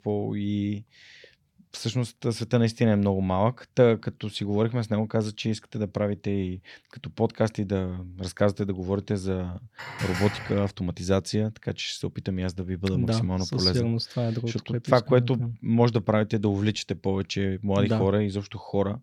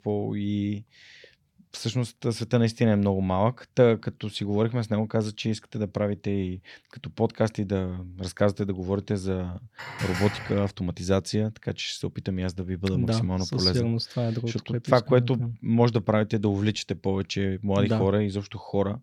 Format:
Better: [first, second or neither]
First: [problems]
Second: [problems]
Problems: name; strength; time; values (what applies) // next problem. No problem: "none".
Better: neither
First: clattering dishes; noticeable; at 10 s; peak 6 dB below the speech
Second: clattering dishes; noticeable; at 10 s; peak 6 dB below the speech